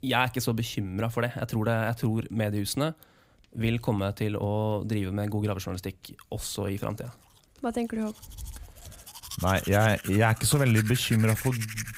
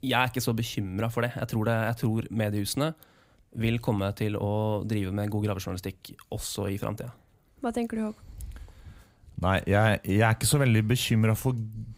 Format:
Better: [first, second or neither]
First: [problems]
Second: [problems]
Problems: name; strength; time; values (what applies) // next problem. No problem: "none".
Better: second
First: household noises; noticeable; throughout; 10 dB below the speech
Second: none